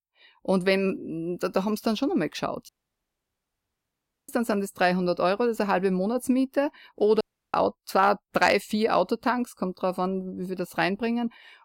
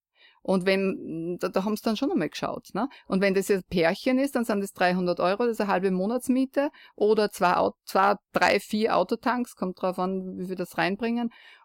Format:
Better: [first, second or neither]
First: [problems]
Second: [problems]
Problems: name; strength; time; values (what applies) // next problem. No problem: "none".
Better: second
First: audio cutting out; at 2.5 s for 1.5 s and at 7 s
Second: none